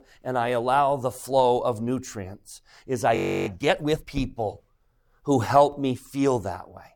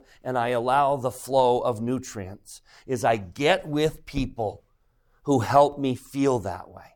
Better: second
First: audio freezing; at 3 s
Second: none

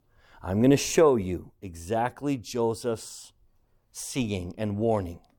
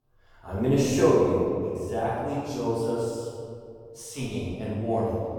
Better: first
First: none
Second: room echo; strong; dies away in 2.3 s // off-mic speech; far

